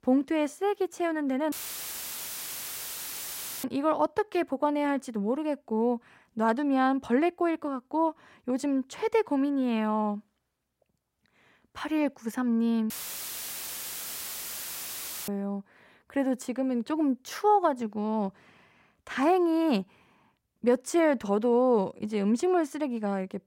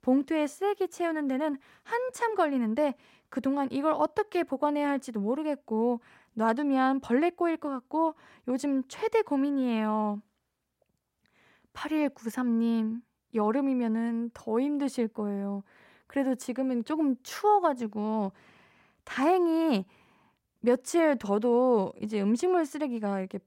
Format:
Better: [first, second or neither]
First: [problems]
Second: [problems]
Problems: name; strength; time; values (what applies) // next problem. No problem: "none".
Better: second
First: audio cutting out; filled with static; at 1.5 s for 2 s and at 13 s for 2.5 s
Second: none